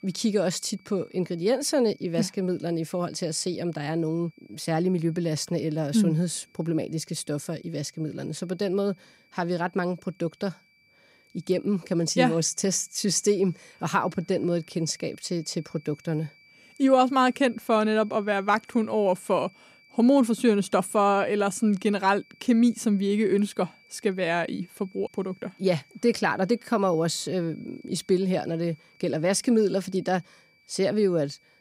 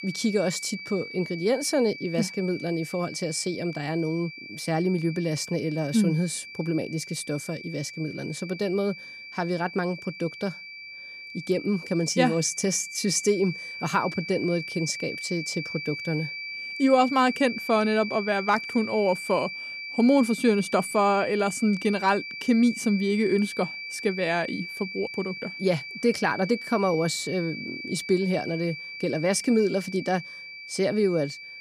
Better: first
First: high-pitched whine; faint; throughout; 2.5 kHz, 30 dB below the speech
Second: high-pitched whine; loud; throughout; 2.5 kHz, 9 dB below the speech

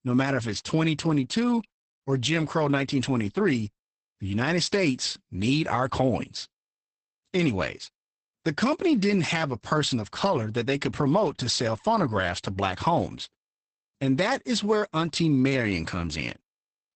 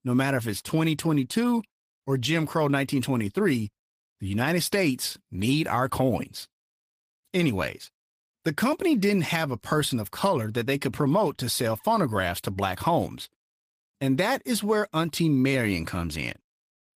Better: second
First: garbled, watery; badly; nothing above 8 kHz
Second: garbled, watery; slightly; nothing above 15 kHz

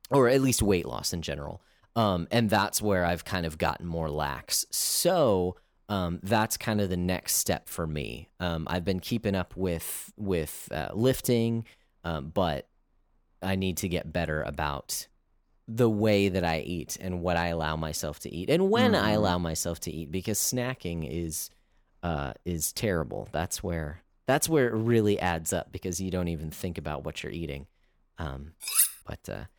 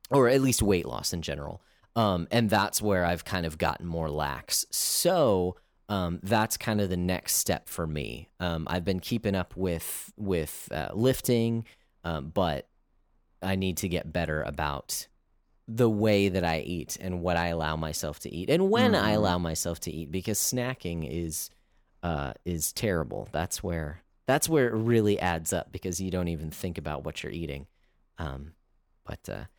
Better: second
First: clattering dishes; loud; at 29 s; peak 5 dB above the speech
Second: none

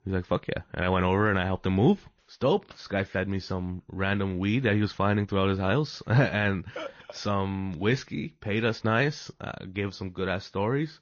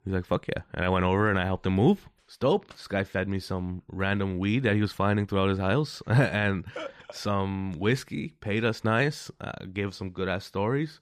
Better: second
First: garbled, watery; slightly; nothing above 6.5 kHz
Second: none

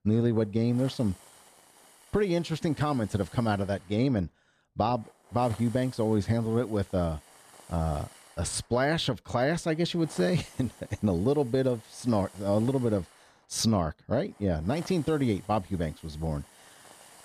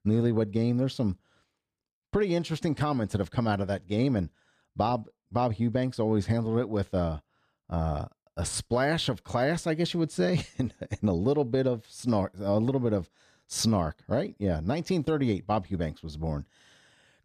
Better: second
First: hiss; faint; throughout; 25 dB below the speech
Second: none

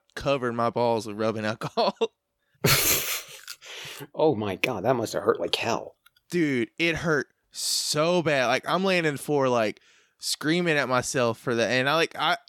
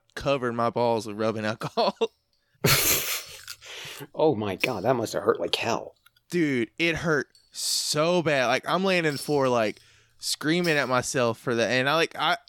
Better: first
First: none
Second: household noises; noticeable; throughout; 20 dB below the speech

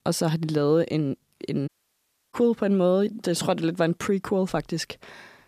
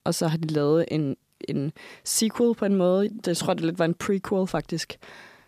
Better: second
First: audio cutting out; at 1.5 s for 0.5 s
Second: none

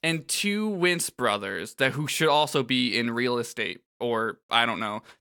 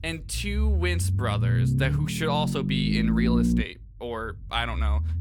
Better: first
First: none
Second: low rumble; loud; throughout; 4 dB below the speech

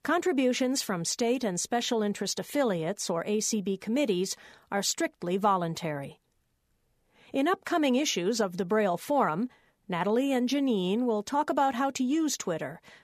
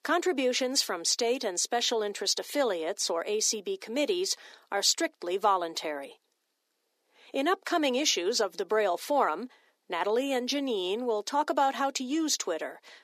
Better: first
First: none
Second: thin; very slightly; fading below 300 Hz

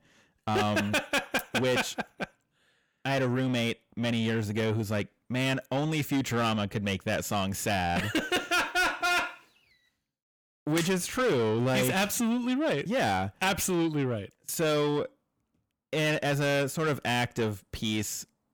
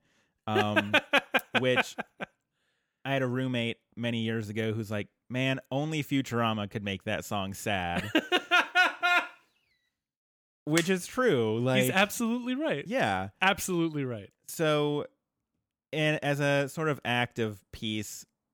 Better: second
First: distortion; heavy; 7 dB below the speech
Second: none

